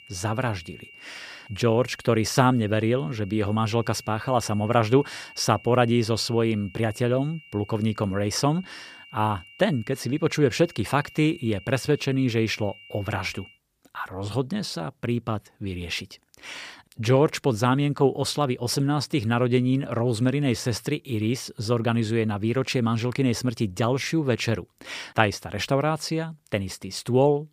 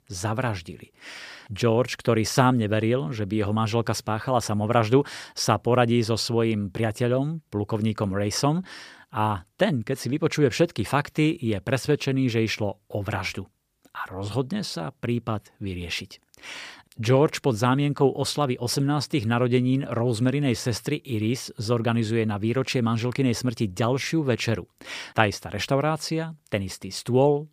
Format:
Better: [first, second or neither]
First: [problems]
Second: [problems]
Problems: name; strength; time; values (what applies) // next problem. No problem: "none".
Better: second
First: high-pitched whine; faint; until 14 s; 3 kHz, 20 dB below the speech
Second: none